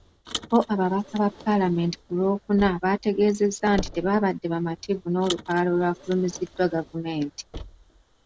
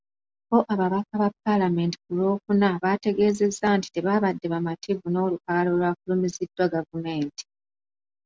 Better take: second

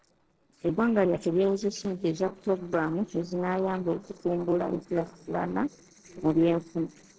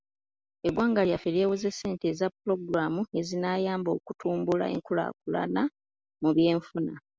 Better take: second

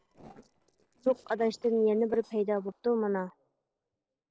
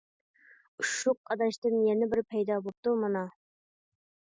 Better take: second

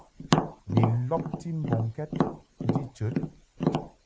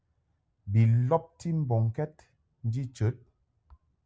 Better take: second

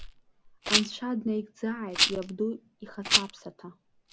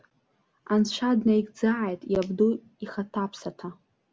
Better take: second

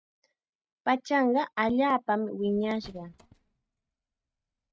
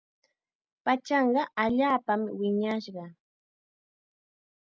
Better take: second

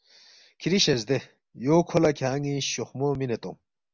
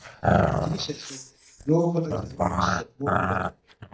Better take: first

